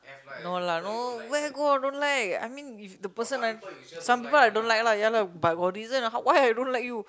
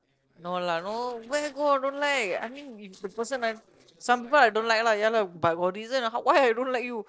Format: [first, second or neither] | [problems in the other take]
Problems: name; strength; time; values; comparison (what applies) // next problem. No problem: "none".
first | noise reduction (neural separator model SepFormer DNS4)